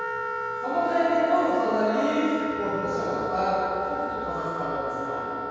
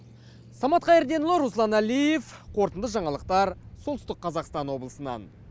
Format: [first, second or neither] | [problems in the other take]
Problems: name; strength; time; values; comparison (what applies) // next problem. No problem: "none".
second | background sound (Wind instrument, woodwind instrument); 5 dB below the speech // room echo; dies away in 2.2 s